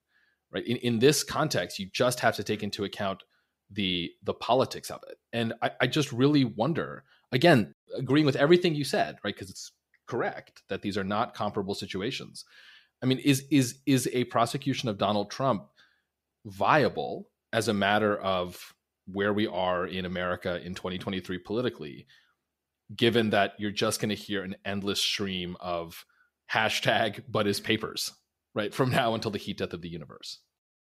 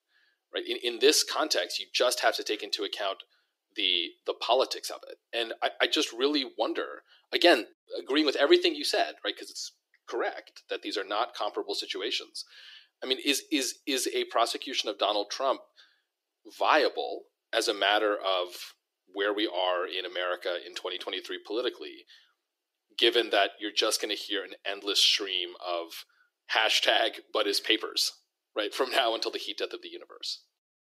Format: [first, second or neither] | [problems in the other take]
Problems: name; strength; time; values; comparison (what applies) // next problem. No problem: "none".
first | thin; somewhat; fading below 300 Hz